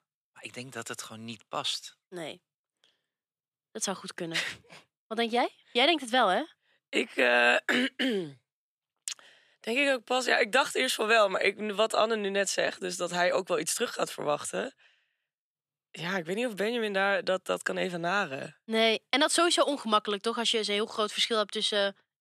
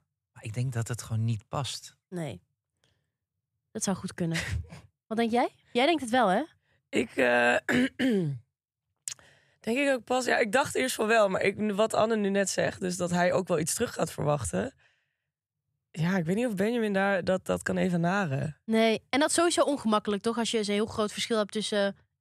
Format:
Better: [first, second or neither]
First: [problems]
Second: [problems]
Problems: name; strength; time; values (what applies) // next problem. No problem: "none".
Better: second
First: thin; very slightly; fading below 250 Hz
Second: none